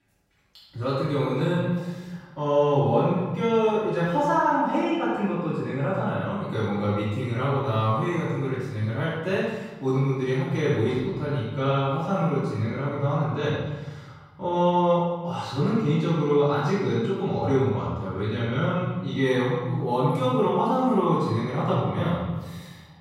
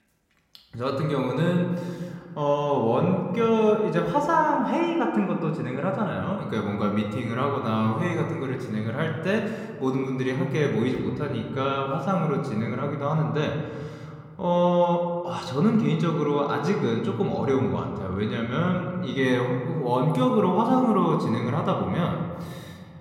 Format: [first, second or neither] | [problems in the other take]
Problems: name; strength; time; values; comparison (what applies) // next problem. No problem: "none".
second | room echo; strong; dies away in 1.2 s; slight in the second // off-mic speech; far